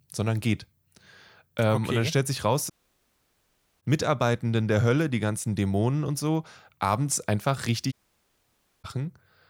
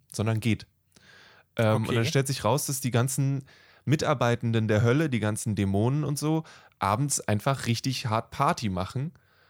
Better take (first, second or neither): second